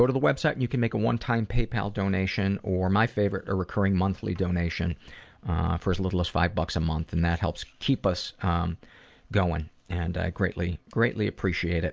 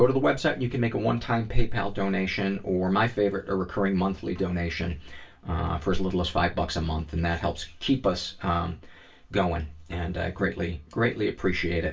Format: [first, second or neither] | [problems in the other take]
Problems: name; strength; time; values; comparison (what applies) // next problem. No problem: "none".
first | room echo; dies away in 0.2 s